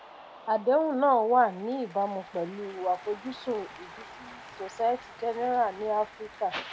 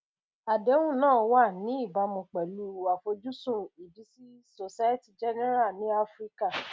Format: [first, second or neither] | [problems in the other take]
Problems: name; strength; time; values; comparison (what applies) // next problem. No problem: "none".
second | background sound (Cheering); 19 dB below the speech